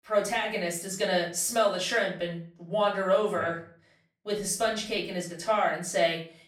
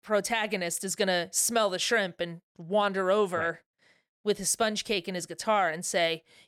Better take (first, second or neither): second